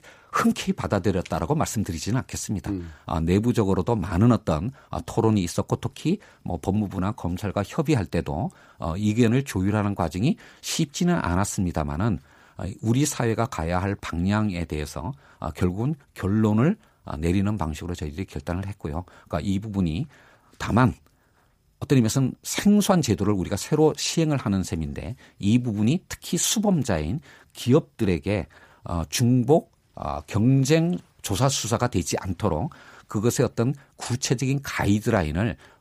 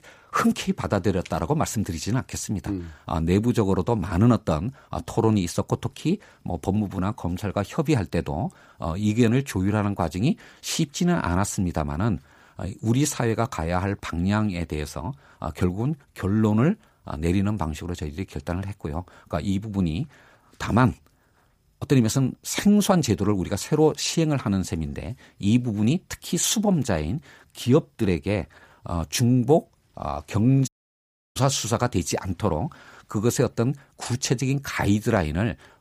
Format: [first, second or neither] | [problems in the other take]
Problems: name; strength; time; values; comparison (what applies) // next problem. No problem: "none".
first | audio cutting out; at 31 s for 0.5 s